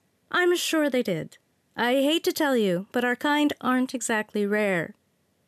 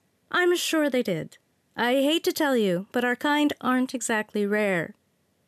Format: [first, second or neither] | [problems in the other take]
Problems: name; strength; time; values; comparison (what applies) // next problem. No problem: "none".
neither | none